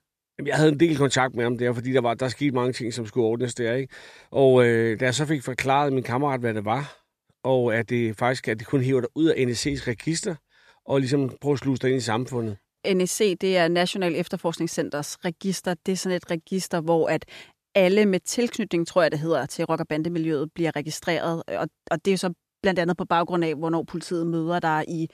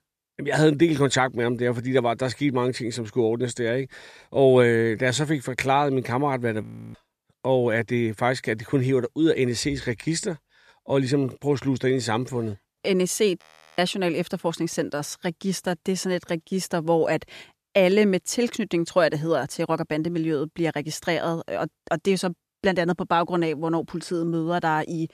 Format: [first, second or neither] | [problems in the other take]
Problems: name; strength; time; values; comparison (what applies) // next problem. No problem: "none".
first | audio freezing; at 6.5 s and at 13 s